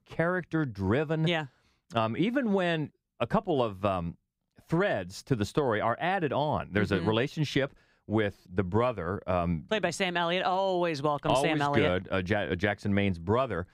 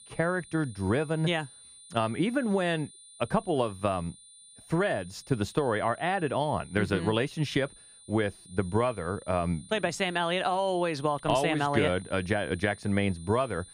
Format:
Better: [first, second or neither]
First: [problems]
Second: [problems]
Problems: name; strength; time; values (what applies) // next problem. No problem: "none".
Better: first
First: none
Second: high-pitched whine; faint; throughout; 9.5 kHz, 20 dB below the speech